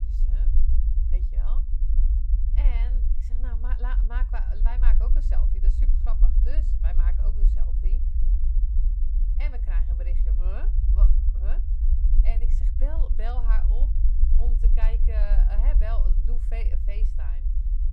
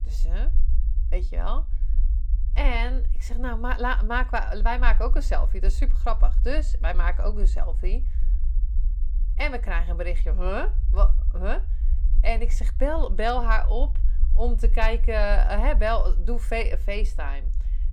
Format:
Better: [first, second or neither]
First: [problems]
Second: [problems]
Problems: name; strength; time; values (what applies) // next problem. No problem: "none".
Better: second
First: low rumble; loud; throughout; 5 dB below the speech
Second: low rumble; faint; throughout; 20 dB below the speech